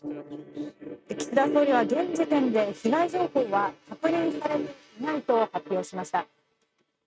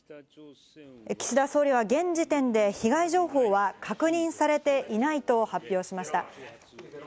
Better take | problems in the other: second | noise reduction (neural mask model RNNoise)

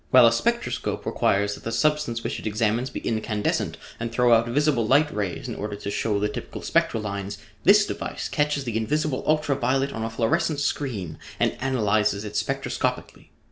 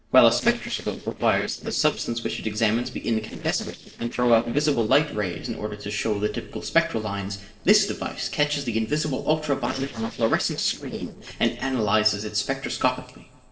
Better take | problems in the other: first | noise reduction (neural separator model SepFormer DNS4)

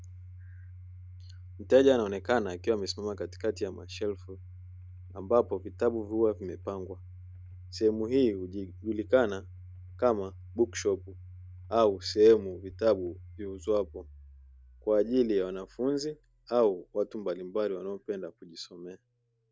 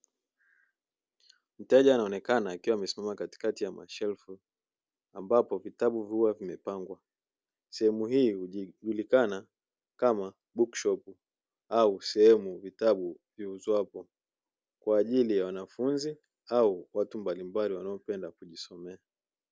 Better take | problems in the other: second | background sound (Domestic sounds, home sounds); 17 dB below the speech

